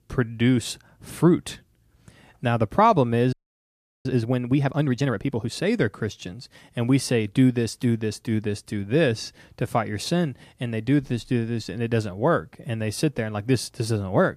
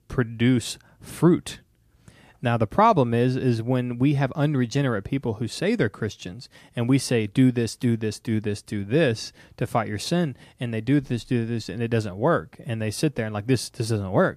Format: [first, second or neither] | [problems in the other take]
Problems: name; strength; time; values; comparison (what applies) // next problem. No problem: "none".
second | audio freezing; at 3.5 s for 0.5 s